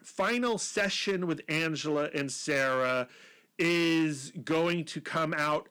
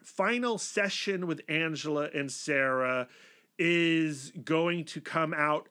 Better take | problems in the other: second | distortion; slight; 6% of the sound clipped

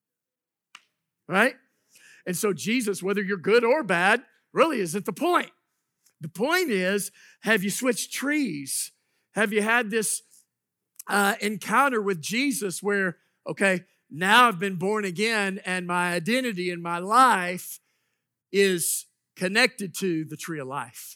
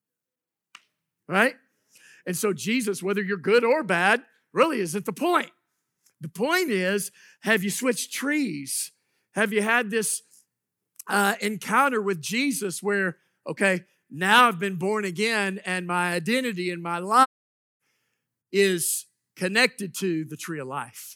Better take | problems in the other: first | audio cutting out; at 17 s for 0.5 s

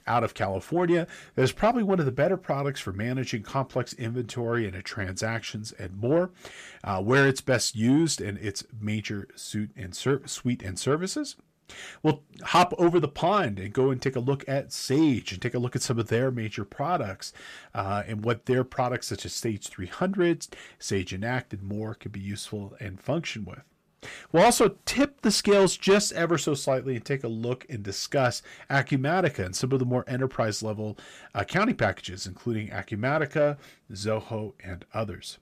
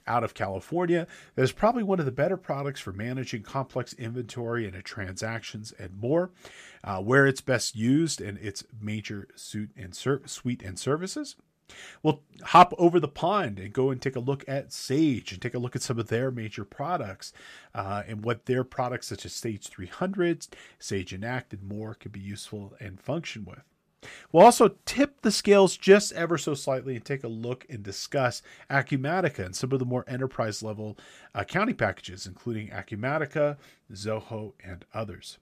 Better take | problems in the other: second | distortion; heavy; 8 dB below the speech

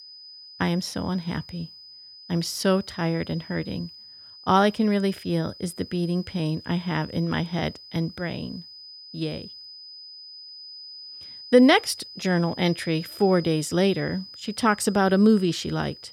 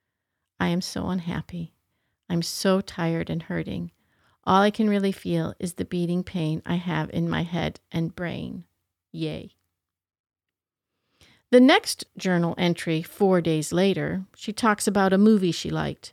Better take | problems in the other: second | high-pitched whine; noticeable; throughout; 5 kHz, 15 dB below the speech

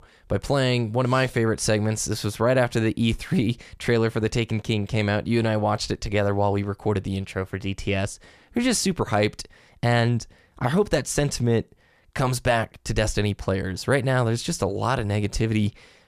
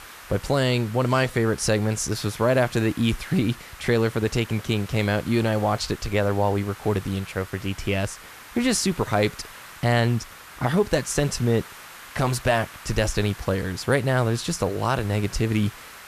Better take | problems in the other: first | hiss; noticeable; throughout; 20 dB below the speech

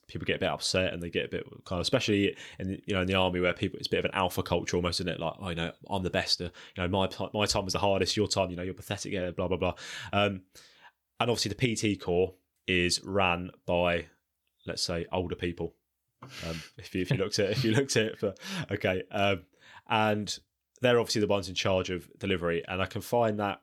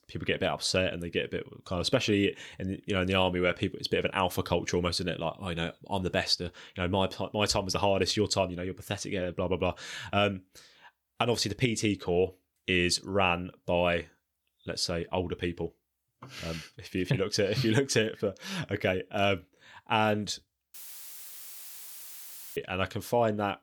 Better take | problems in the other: first | audio cutting out; filled with static; at 21 s for 2 s

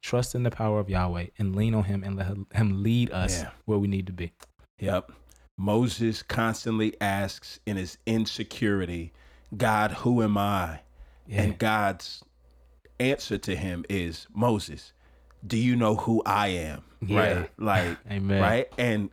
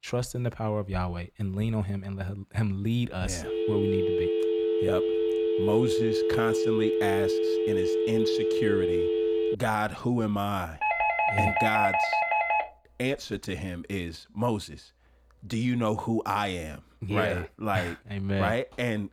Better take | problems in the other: first | phone ringing; loud; from 3.5 to 9.5 s; peak 5 dB above the speech // doorbell; loud; from 11 to 13 s; peak 6 dB above the speech

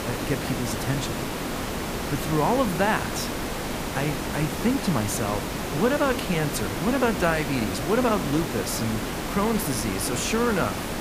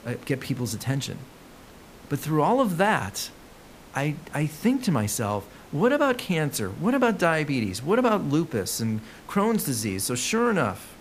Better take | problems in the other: second | hiss; loud; throughout; 3 dB below the speech; faint in the second

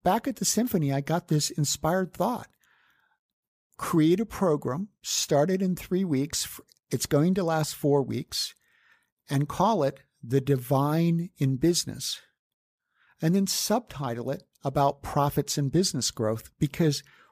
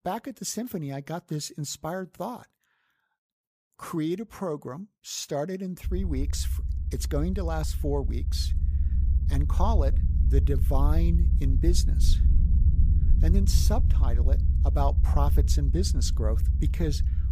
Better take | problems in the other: first | low rumble; loud; from 6 s on; 10 dB below the speech

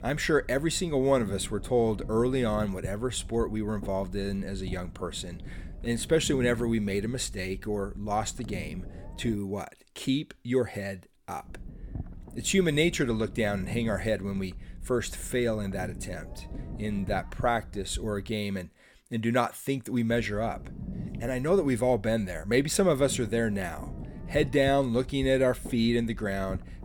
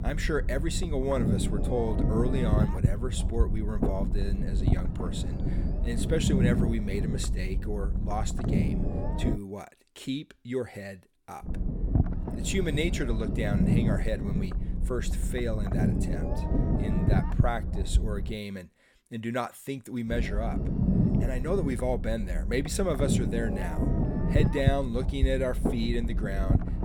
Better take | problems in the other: first | low rumble; loud; until 9.5 s, from 11 to 18 s and from 20 s on; 4 dB below the speech; faint in the first

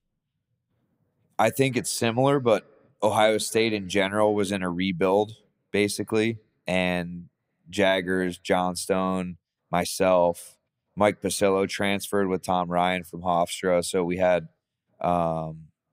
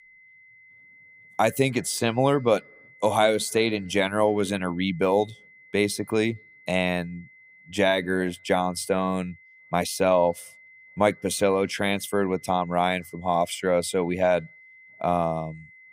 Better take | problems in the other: first | high-pitched whine; faint; throughout; 2 kHz, 25 dB below the speech

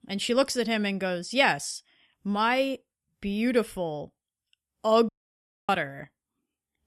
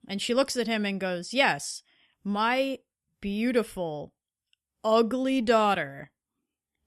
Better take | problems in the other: second | audio cutting out; at 5 s for 0.5 s

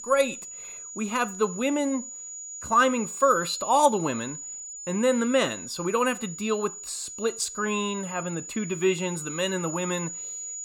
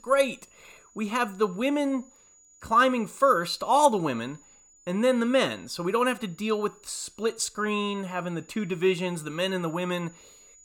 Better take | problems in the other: second | high-pitched whine; loud; throughout; 7 kHz, 9 dB below the speech; faint in the second

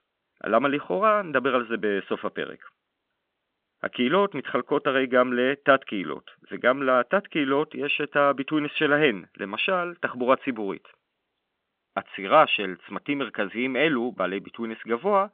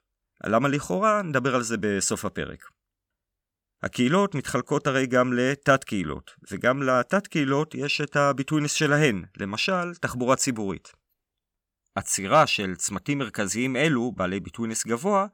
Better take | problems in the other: second | phone-call audio; nothing above 3.5 kHz

